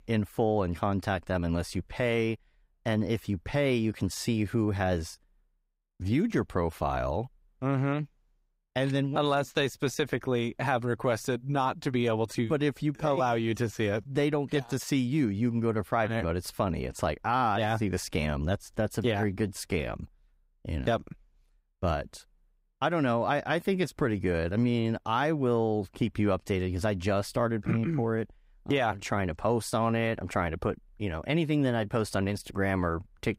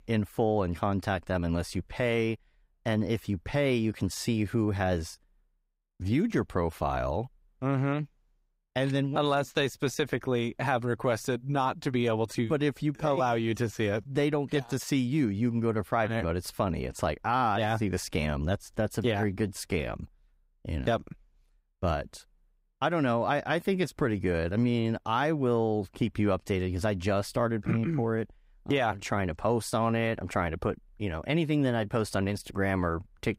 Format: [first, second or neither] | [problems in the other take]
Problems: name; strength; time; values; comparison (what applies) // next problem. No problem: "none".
neither | none